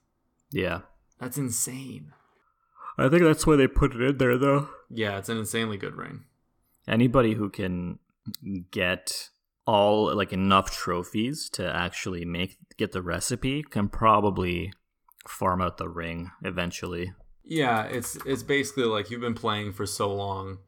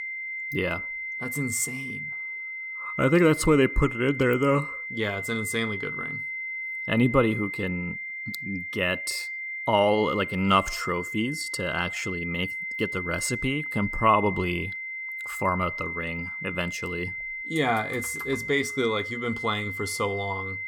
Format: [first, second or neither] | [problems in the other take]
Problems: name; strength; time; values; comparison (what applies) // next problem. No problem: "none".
first | high-pitched whine; loud; throughout; 2 kHz, 5 dB below the speech